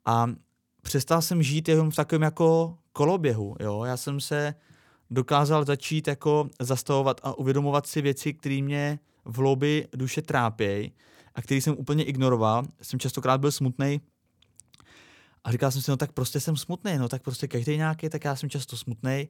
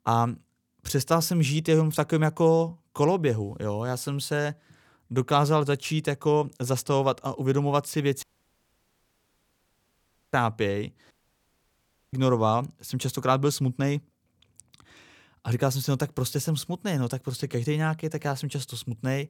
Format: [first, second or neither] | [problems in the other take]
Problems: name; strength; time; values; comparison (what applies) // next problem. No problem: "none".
first | audio cutting out; at 8 s for 2 s and at 11 s for 1 s